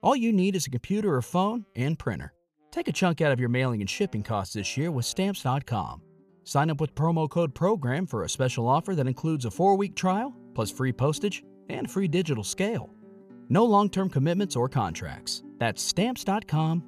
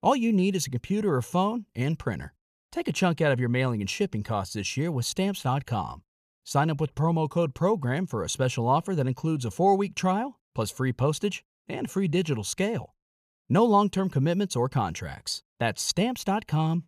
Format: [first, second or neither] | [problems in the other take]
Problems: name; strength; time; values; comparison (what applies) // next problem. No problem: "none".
second | background music; faint; throughout; 25 dB below the speech